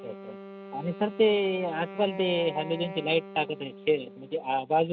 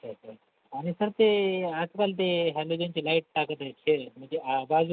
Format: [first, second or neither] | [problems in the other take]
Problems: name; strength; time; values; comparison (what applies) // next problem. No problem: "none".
second | background sound (Wind instrument, woodwind instrument); 14 dB below the speech